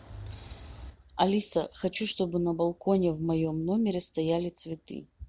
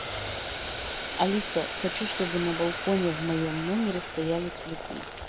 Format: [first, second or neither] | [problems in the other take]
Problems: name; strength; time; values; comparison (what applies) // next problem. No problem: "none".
first | background sound (Boiling); 5 dB below the speech